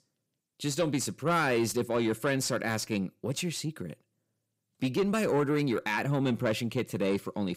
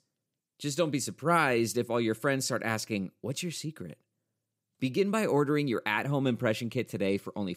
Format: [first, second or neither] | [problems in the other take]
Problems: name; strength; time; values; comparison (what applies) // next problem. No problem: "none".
second | distortion; slight; 10 dB below the speech